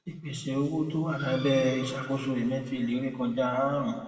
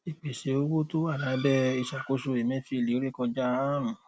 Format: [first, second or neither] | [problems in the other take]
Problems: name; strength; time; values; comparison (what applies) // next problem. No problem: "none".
second | room echo; dies away in 2.2 s